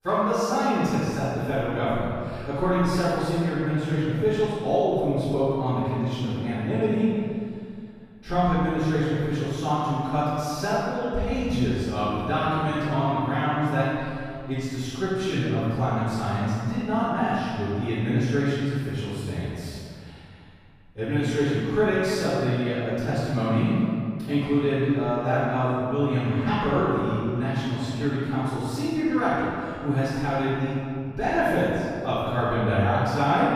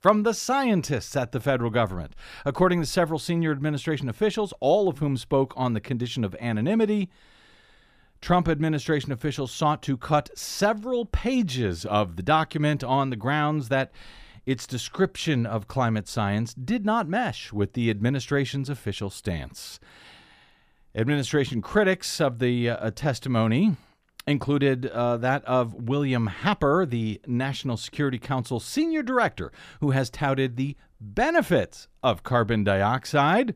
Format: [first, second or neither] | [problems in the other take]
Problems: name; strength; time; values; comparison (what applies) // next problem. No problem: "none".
second | off-mic speech; far // room echo; strong; dies away in 2.1 s